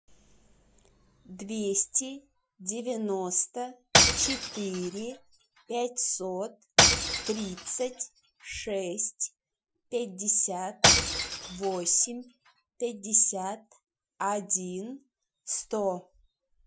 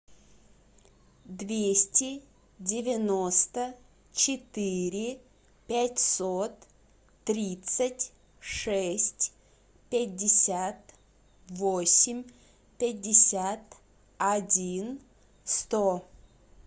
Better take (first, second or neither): second